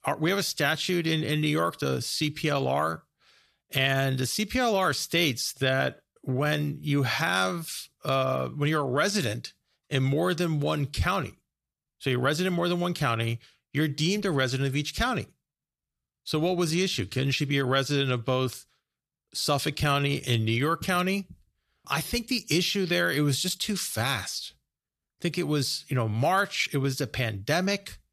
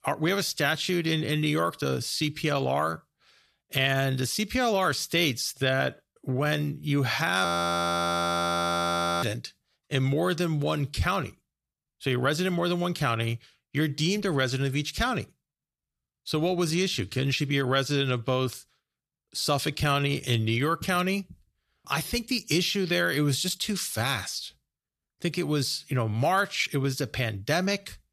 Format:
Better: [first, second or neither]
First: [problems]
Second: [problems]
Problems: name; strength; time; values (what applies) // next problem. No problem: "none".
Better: first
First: none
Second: audio freezing; at 7.5 s for 2 s